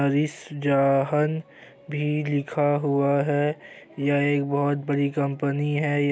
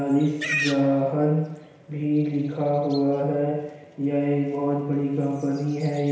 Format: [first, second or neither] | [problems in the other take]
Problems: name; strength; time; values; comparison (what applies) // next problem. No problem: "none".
first | background sound (Livestock, farm animals, working animals); 14 dB below the speech // room echo; dies away in 1 s